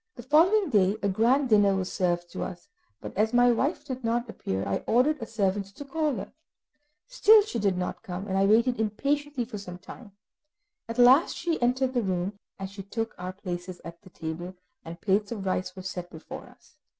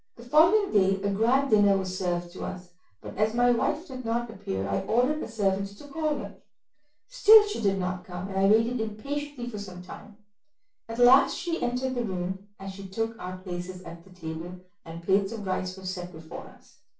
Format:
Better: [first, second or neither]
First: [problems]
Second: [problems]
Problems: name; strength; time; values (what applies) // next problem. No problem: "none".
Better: first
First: none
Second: room echo; dies away in 0.3 s